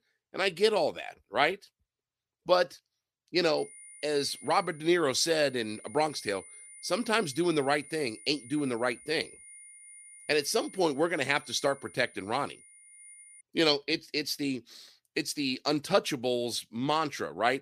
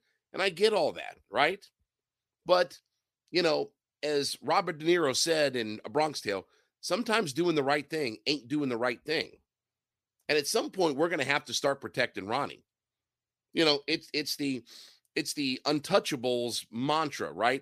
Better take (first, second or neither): second